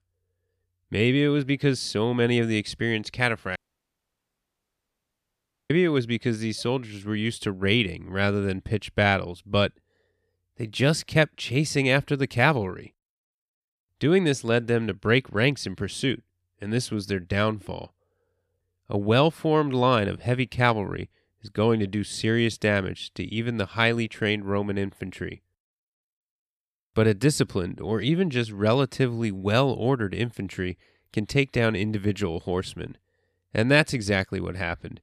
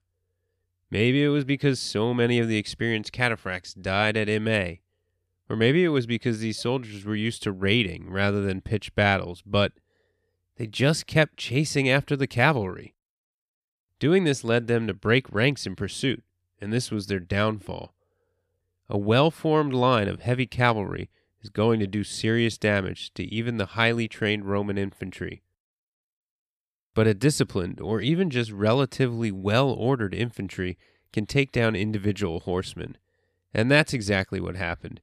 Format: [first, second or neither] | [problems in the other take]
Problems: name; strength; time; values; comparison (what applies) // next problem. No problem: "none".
second | audio cutting out; at 3.5 s for 2 s